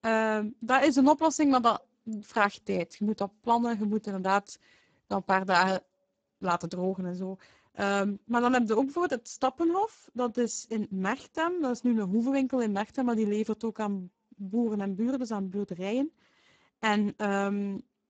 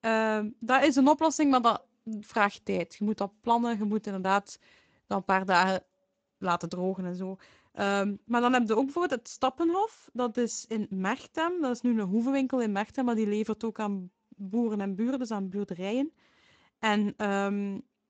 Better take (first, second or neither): second